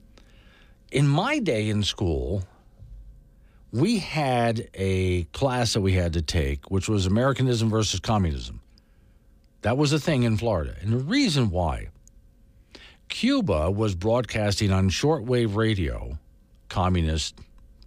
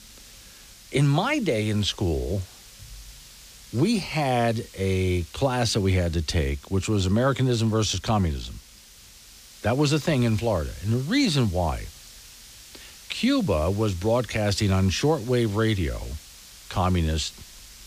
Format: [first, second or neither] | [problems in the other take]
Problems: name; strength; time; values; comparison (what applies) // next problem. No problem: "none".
first | hiss; faint; throughout; 20 dB below the speech